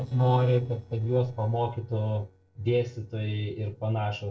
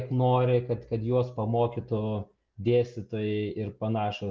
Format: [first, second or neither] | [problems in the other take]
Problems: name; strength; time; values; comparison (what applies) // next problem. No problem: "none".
second | noise reduction (neural separator model SepFormer DNS4)